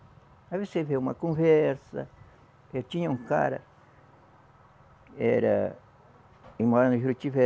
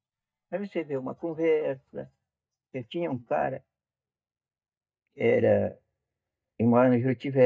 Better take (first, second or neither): first